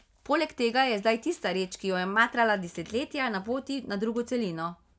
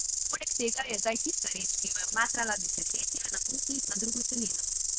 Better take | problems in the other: first | noise reduction (neural diffusion model UNIVERSE++)

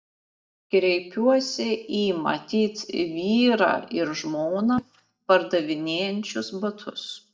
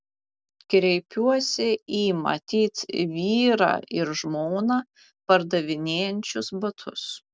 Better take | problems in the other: second | noise reduction (neural mask model DeepFilterNet 3)

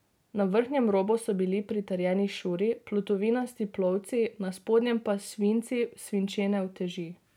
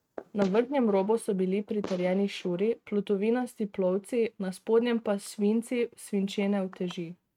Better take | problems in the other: first | noise reduction (neural mask model RNNoise)

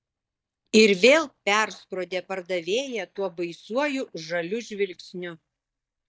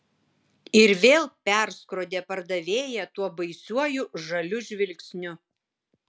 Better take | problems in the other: second | noise reduction (neural mask model DeepFilterNet 3)

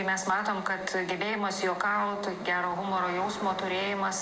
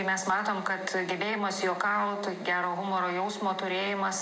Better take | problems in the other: second | background sound (Cricket); 16 dB below the speech

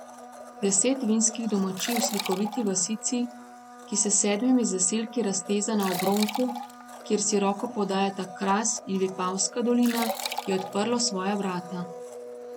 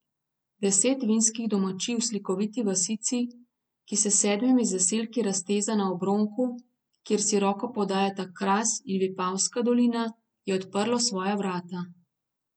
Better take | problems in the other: second | background sound (Domestic sounds, home sounds + Liquid); 11 dB below the speech

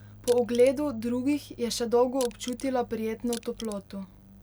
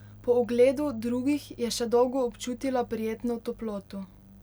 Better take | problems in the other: second | background sound (Crushing); 18 dB below the speech

